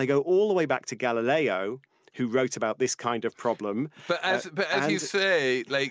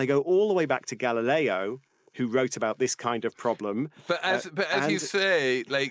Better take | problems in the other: first | noise reduction (neural mask model Resemble Enhance denoiser)

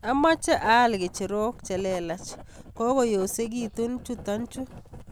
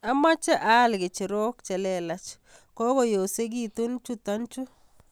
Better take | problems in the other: second | background sound (Writing); 17 dB below the speech

